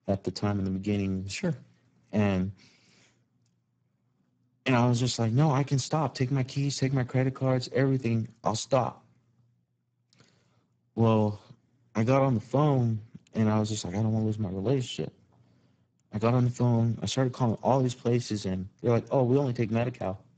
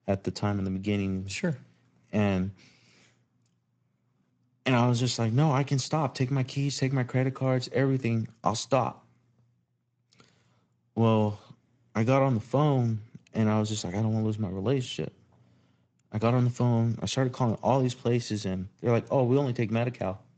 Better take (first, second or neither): second